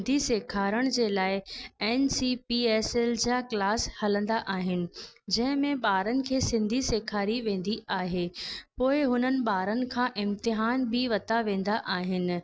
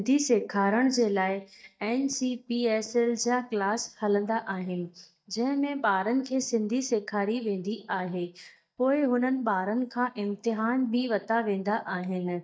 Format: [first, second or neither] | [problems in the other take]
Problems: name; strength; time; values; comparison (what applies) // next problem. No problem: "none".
first | noise reduction (neural mask model DeepFilterNet 3)